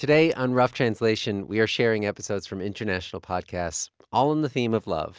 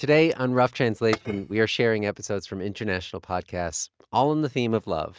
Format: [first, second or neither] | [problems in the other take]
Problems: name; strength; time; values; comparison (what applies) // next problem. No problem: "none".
first | noise reduction (neural mask model RNNoise)